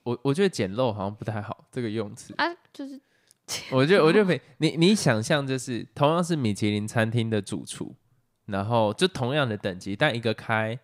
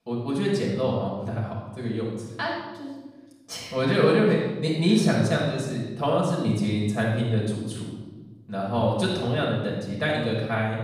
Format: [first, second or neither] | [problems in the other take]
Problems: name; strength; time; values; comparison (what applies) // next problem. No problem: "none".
first | off-mic speech; far // room echo; noticeable; dies away in 1.1 s